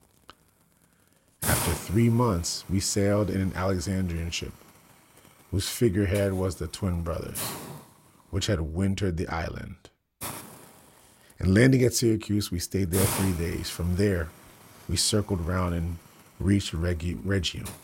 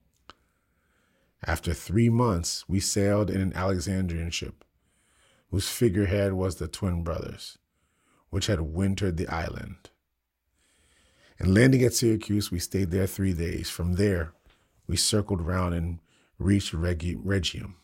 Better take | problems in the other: second | hiss; loud; throughout; 7 dB below the speech

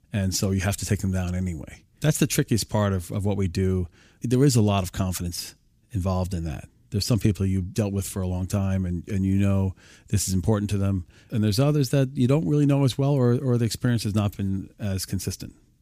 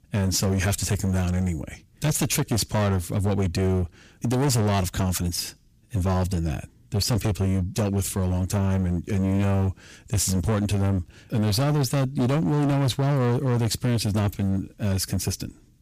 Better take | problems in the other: first | distortion; heavy; 20% of the sound clipped

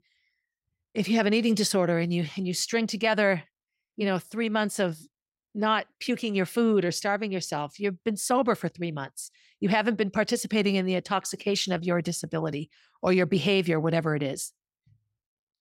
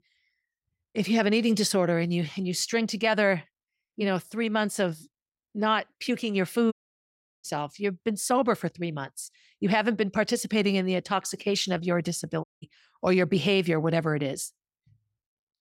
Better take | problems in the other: first | audio cutting out; at 6.5 s for 0.5 s and at 12 s

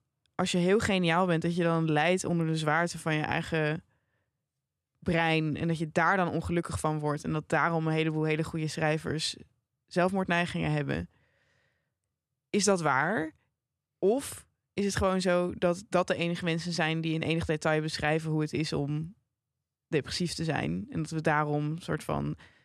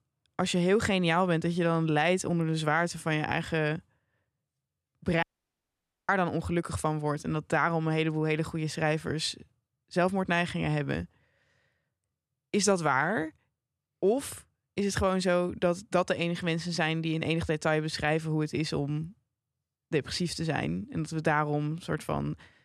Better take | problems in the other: first | audio cutting out; at 5 s for 1 s

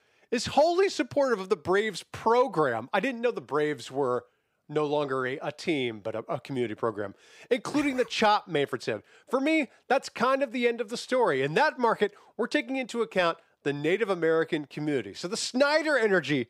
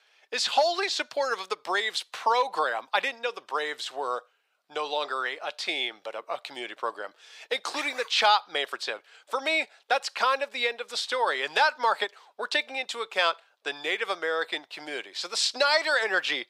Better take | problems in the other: first | thin; very; fading below 800 Hz

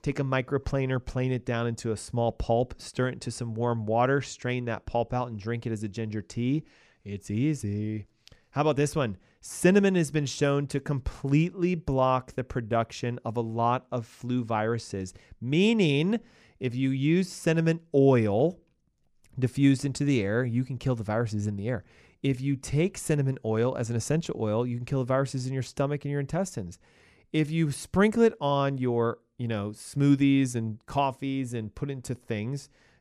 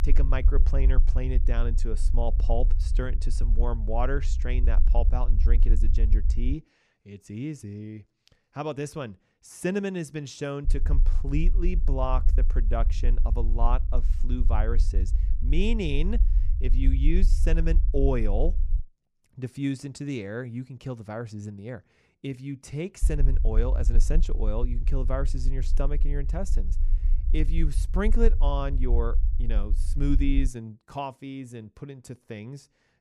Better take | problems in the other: first | low rumble; noticeable; until 6.5 s, from 11 to 19 s and from 23 to 30 s; 15 dB below the speech

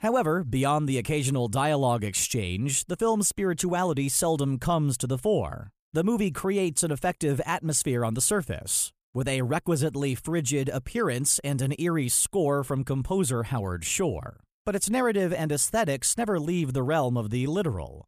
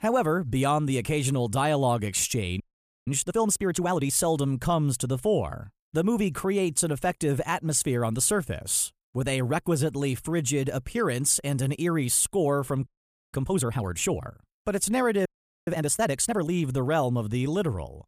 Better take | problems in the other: first | audio freezing; at 2.5 s, at 13 s and at 15 s

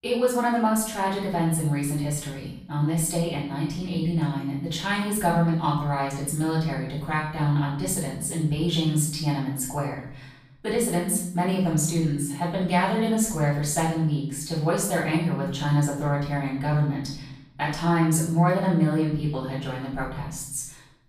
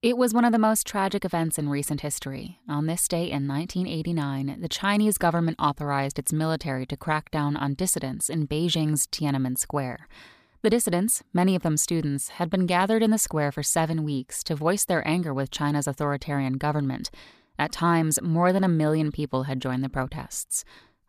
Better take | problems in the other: second | off-mic speech; far // room echo; noticeable; dies away in 0.6 s

